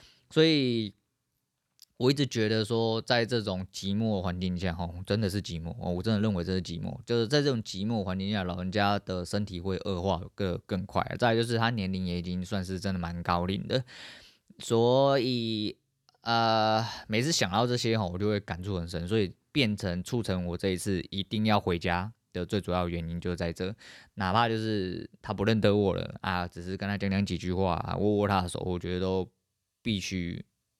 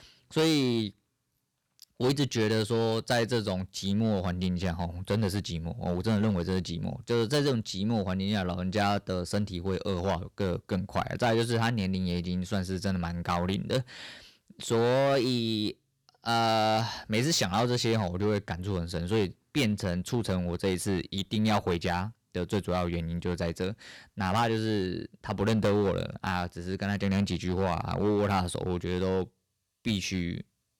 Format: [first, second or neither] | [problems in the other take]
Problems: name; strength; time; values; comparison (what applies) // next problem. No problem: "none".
first | distortion; slight; 6% of the sound clipped